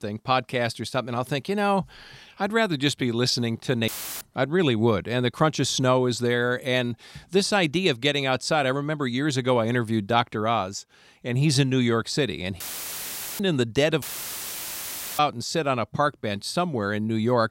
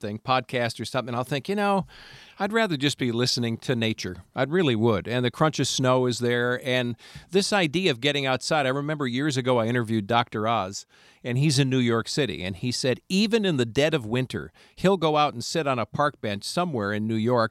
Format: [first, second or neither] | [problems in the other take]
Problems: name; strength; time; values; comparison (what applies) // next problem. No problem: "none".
second | audio cutting out; filled with static; at 4 s, at 13 s for 1 s and at 14 s for 1 s